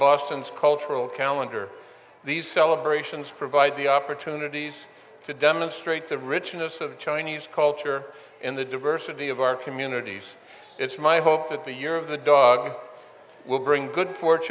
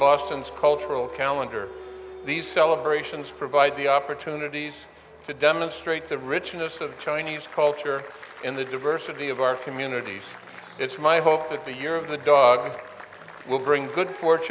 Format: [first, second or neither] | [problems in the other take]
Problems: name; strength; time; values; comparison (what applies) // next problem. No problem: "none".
first | background sound (Applause); 20 dB below the speech